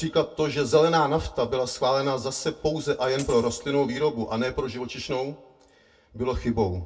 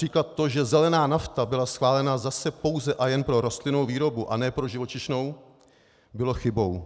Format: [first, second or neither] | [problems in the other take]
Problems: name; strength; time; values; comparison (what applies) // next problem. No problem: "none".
second | background sound (Coin (dropping)); 18 dB below the speech // room echo; dies away in 0.1 s